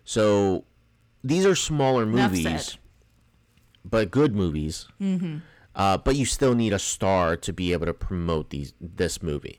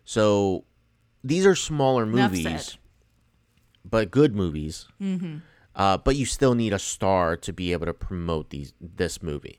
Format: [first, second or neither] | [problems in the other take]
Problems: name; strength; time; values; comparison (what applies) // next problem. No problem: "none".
second | distortion; slight; 10 dB below the speech